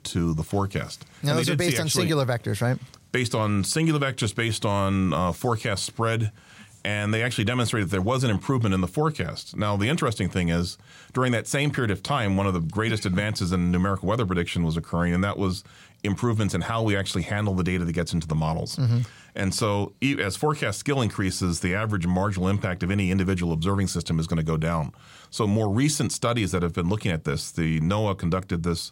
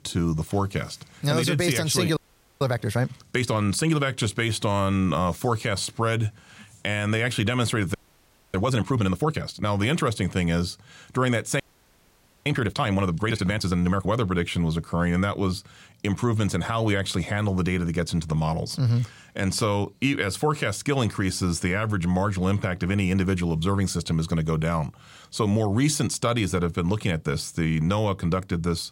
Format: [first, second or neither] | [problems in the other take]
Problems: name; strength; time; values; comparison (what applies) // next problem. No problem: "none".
first | audio freezing; at 2 s, at 8 s for 0.5 s and at 12 s for 1 s